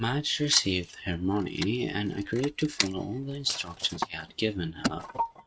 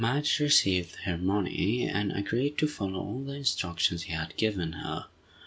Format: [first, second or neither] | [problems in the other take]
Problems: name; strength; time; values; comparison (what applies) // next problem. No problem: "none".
second | noise reduction (neural mask model RNNoise)